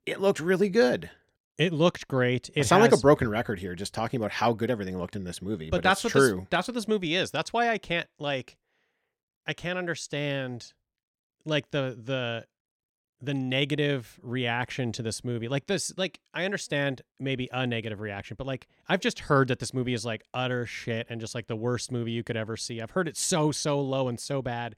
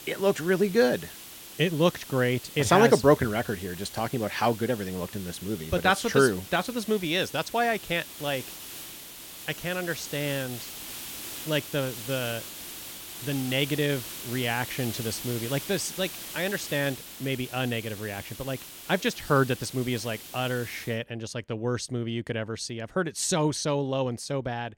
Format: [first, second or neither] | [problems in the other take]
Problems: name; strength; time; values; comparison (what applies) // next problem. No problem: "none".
first | hiss; noticeable; until 21 s; 10 dB below the speech